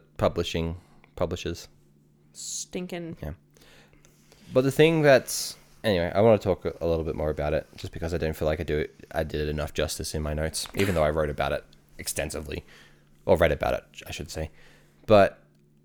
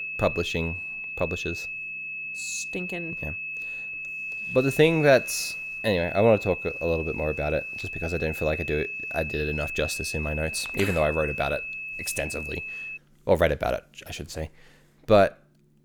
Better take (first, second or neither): first